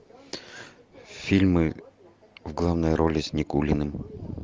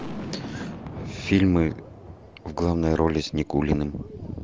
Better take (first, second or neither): first